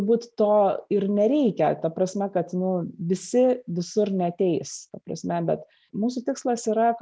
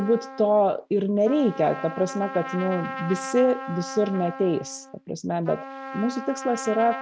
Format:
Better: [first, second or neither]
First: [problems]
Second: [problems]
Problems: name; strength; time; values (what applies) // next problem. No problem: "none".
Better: first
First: none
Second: background sound (Trumpet); 12 dB below the speech